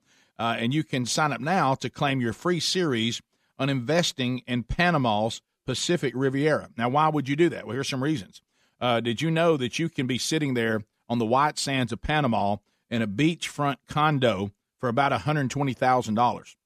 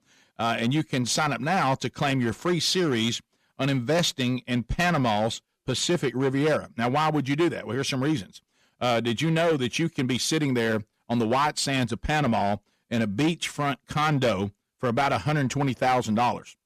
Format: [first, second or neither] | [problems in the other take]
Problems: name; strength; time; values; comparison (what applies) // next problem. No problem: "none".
first | distortion; slight; 8% of the sound clipped